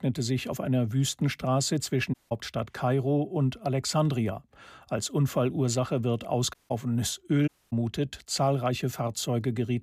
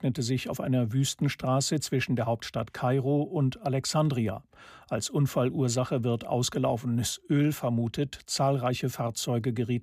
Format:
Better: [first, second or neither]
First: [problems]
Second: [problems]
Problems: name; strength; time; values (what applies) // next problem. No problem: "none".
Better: second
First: audio cutting out; at 2 s, at 6.5 s and at 7.5 s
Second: none